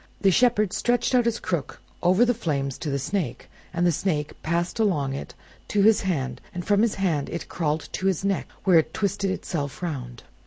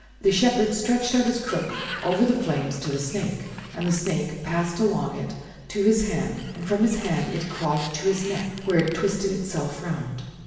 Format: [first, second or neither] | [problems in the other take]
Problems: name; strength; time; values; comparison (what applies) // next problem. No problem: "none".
first | background sound (Sliding door); 17 dB below the speech // room echo; dies away in 1.2 s